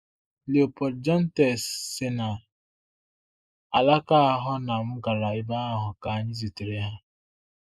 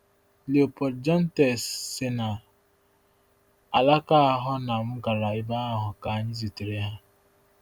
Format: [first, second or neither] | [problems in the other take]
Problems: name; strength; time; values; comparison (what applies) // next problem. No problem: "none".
second | noise reduction (neural mask model Resemble Enhance denoiser)